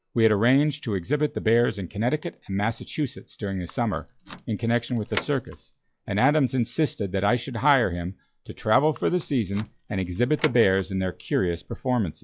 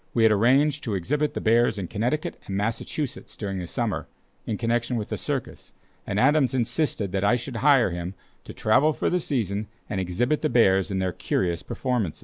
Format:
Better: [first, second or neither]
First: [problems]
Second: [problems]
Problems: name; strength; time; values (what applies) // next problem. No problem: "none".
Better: second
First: noise reduction (classical method log-MMSE)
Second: none